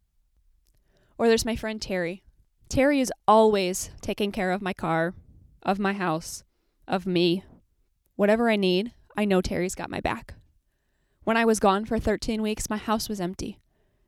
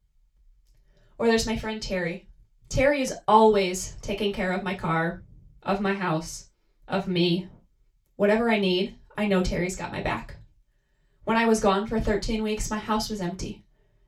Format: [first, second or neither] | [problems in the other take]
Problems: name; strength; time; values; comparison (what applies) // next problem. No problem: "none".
first | room echo; slight; dies away in 0.2 s // off-mic speech; far